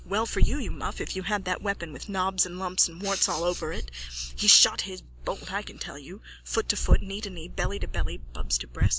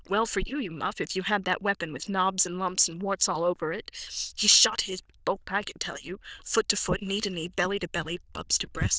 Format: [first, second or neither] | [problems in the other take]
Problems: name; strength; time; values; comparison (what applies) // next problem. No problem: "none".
first | noise reduction (neural diffusion model UNIVERSE++)